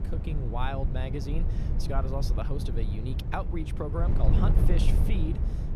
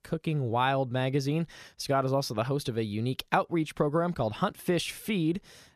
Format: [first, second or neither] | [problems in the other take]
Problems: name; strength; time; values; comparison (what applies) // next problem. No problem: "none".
second | wind noise on the microphone; heavy; 5 dB below the speech